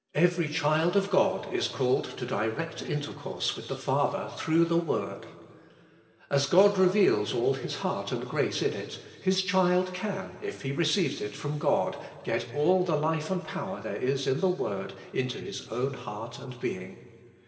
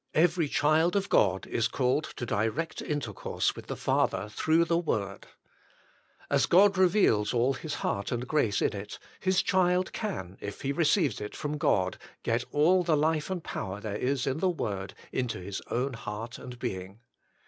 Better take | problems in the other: second | room echo; dies away in 2.8 s

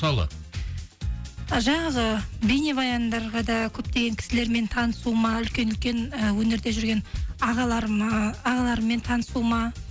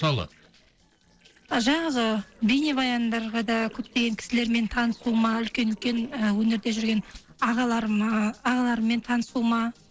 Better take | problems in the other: first | noise reduction (neural separator model SepFormer DNS4)

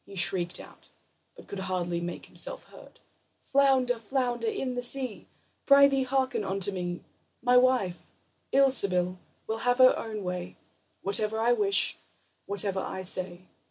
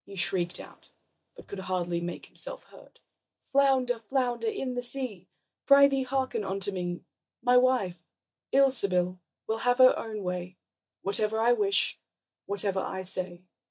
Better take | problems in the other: first | noise reduction (neural mask model DeepFilterNet 3)

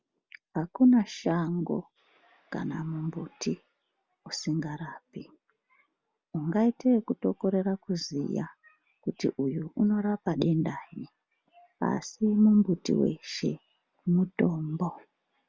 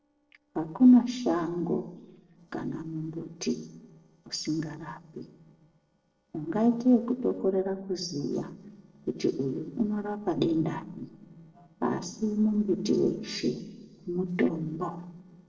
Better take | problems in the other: first | noise reduction (neural separator model SepFormer DNS4)

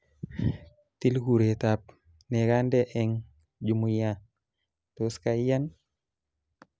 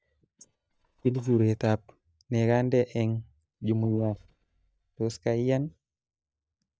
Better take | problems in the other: first | noise reduction (neural mask model DeepFilterNet 3)

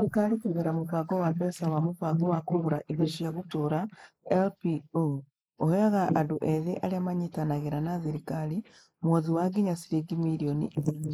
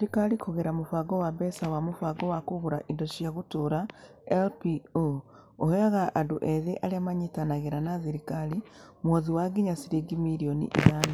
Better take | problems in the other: second | noise reduction (neural mask model Resemble Enhance denoiser)

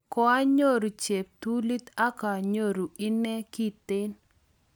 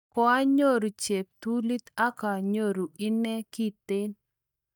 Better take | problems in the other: first | noise reduction (neural mask model DeepFilterNet 3)

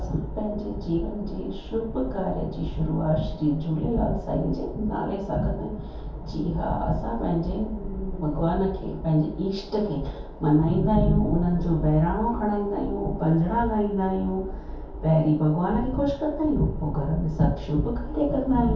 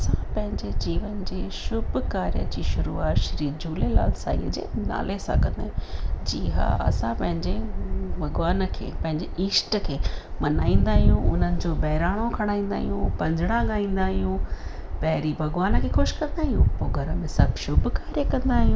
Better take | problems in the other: second | room echo; dies away in 0.6 s

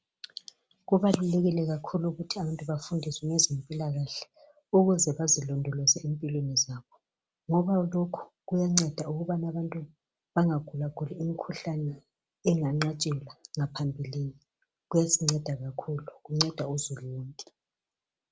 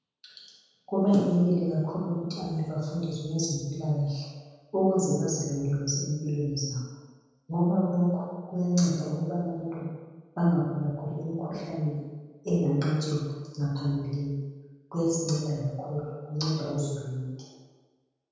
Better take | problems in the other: first | room echo; dies away in 1.2 s

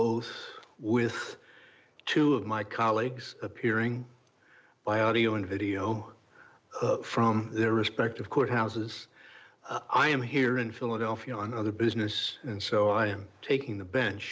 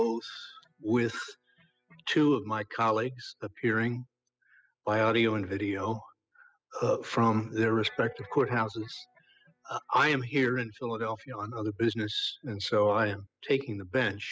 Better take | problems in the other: first | noise reduction (classical method spectral subtraction)

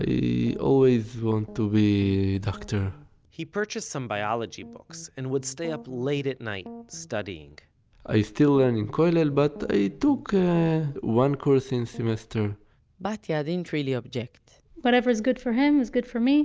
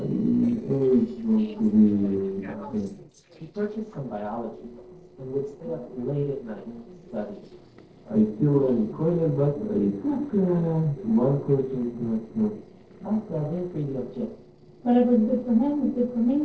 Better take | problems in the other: first | noise reduction (neural separator model SepFormer DNS4)

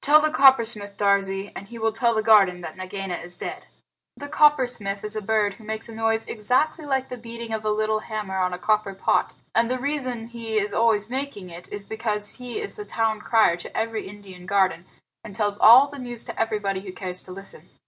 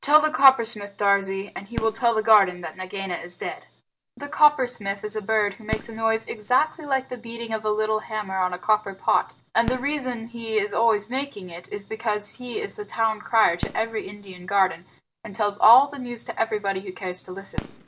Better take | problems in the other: first | background sound (Fireworks); 17 dB below the speech

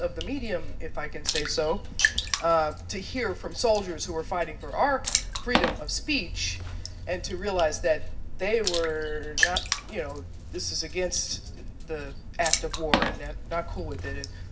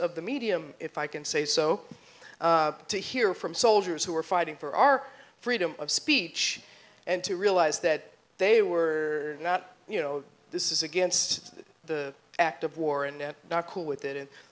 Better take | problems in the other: second | background sound (Water / Splash, splatter); 1 dB below the speech // room echo; dies away in 0.4 s

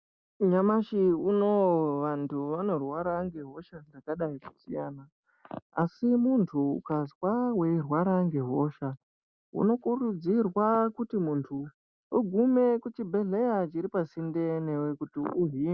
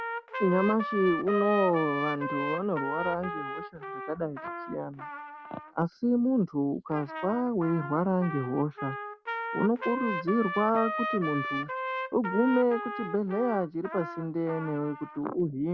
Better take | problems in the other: first | background sound (Trumpet); 7 dB below the speech

